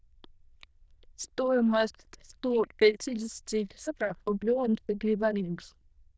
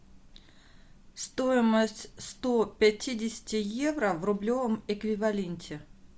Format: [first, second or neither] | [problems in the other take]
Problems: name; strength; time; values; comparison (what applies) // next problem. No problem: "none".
second | noise reduction (neural diffusion model UNIVERSE++)